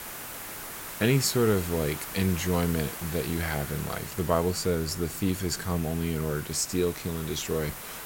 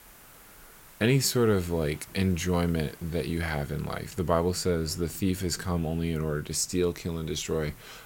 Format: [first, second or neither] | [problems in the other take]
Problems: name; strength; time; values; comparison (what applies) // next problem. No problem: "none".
second | hiss; loud; throughout; 9 dB below the speech; faint in the second